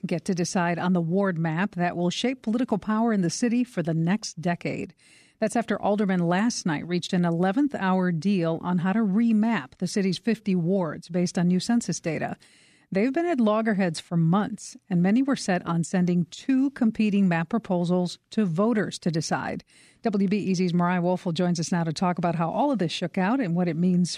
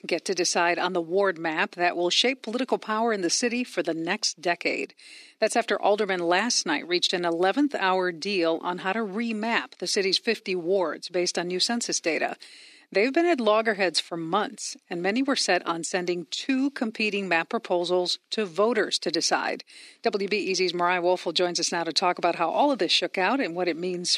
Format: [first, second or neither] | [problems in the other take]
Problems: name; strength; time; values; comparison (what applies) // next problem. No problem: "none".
first | thin; somewhat; fading below 350 Hz